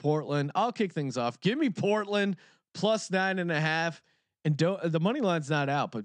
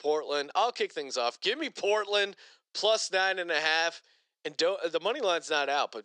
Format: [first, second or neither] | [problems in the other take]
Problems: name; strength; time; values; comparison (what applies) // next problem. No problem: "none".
first | thin; very; fading below 450 Hz